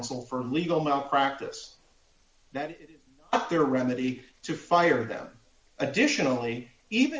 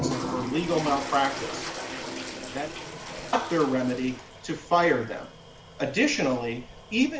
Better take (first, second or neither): first